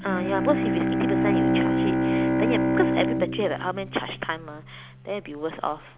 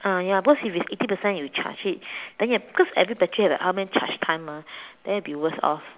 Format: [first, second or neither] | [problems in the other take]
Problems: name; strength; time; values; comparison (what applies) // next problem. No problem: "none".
second | background sound (Bowed string instrument); 4 dB above the speech